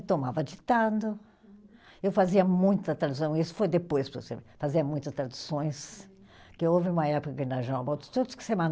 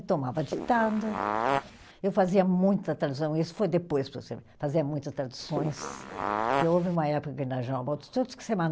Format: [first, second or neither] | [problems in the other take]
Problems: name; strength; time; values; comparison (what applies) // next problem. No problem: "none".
first | background sound (Fart); 3 dB below the speech